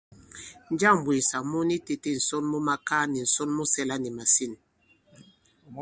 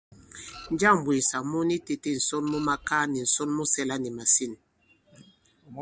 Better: first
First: none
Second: background sound (Printer); 18 dB below the speech

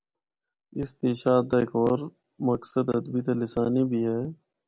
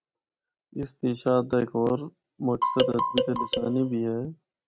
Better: first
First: none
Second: noise reduction (neural mask model RNNoise)

